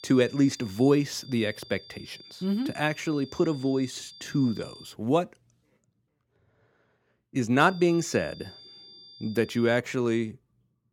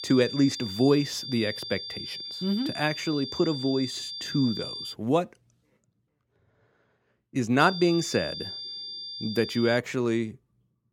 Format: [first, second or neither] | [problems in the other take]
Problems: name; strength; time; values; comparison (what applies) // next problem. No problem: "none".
first | high-pitched whine; loud; until 5 s and from 7.5 to 10 s; 4.5 kHz, 8 dB below the speech; faint in the first